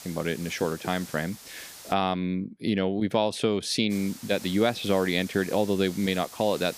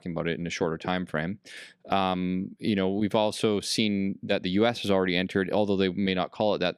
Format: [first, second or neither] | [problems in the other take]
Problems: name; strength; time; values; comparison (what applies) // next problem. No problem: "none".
second | hiss; noticeable; until 2 s and from 4 s on; 15 dB below the speech